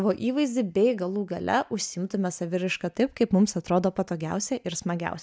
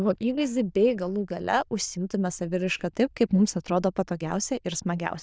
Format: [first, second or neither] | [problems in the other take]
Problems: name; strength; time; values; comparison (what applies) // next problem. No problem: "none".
first | noise reduction (neural diffusion model UNIVERSE++)